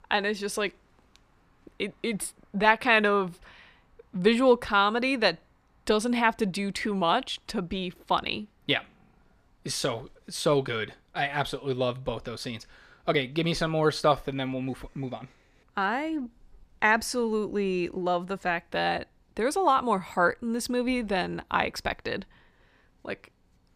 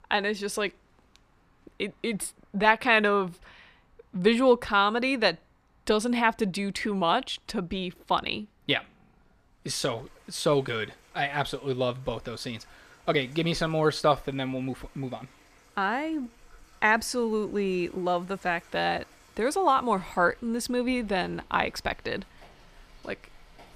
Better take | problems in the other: first | rain or running water; faint; from 10 s on; 30 dB below the speech

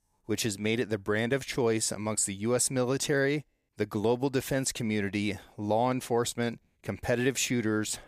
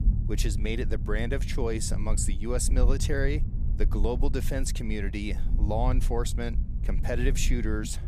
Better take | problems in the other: first | low rumble; noticeable; throughout; 15 dB below the speech

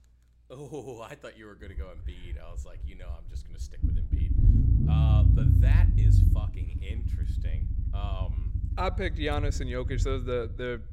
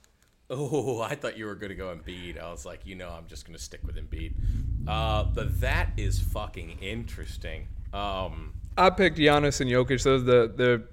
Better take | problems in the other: second | low rumble; loud; throughout; 5 dB below the speech; faint in the second

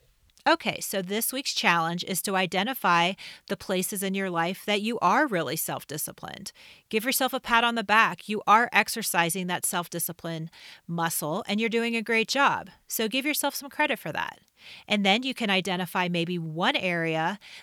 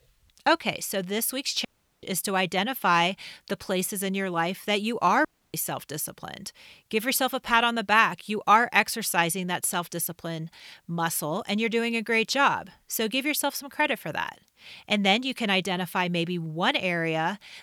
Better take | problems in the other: first | audio cutting out; at 1.5 s and at 5.5 s

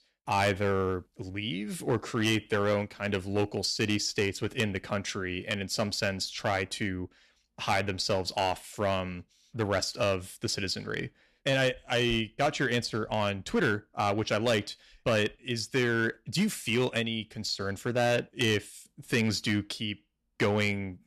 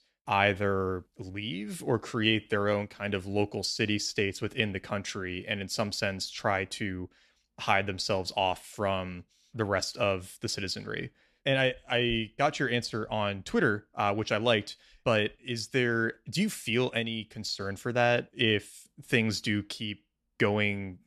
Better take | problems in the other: second | distortion; slight; 4% of the sound clipped

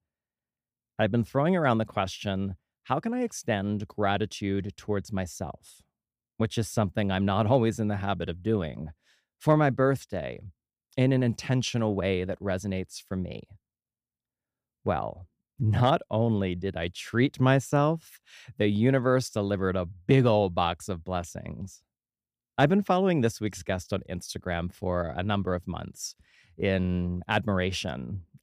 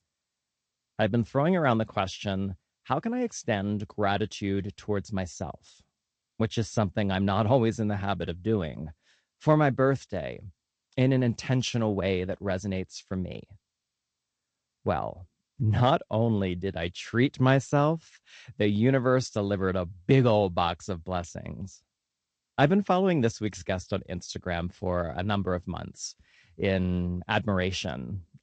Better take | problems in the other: first | garbled, watery; slightly; nothing above 7.5 kHz

